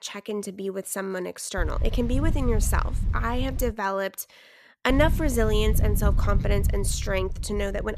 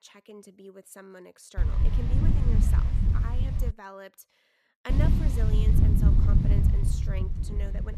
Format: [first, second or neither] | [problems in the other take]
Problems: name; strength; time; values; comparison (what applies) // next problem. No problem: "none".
first | wind noise on the microphone; heavy; from 1.5 to 3.5 s and from 5 s on; 4 dB above the speech; occasional gusts in the first